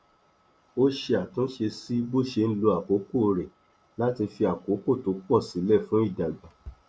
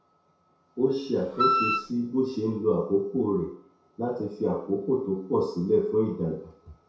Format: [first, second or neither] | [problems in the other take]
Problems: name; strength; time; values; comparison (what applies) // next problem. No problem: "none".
first | background sound (Wind instrument, woodwind instrument); 2 dB above the speech // room echo; dies away in 0.6 s